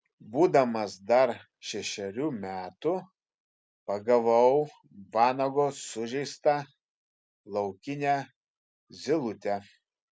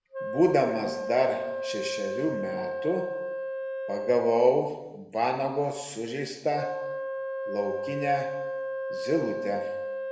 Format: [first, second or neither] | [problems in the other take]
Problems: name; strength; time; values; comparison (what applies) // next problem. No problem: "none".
first | background sound (Wind instrument, woodwind instrument); 5 dB below the speech // room echo; dies away in 1 s